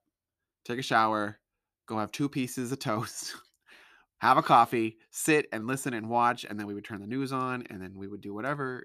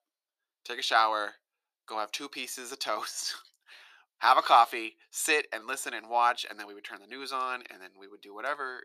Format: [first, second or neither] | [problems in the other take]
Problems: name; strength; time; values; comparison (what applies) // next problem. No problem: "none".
first | thin; very; fading below 500 Hz